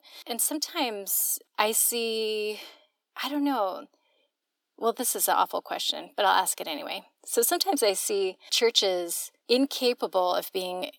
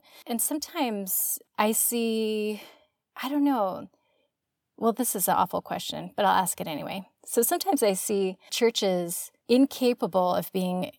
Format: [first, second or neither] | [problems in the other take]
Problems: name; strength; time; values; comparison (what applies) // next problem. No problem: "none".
second | thin; very slightly; fading below 300 Hz